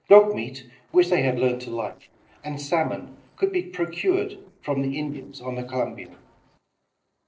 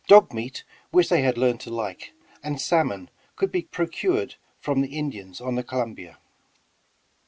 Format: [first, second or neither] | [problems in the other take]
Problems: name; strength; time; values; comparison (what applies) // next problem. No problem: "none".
second | noise reduction (neural separator model SepFormer DNS4)